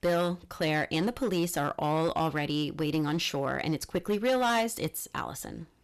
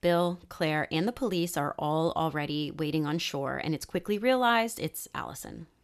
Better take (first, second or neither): second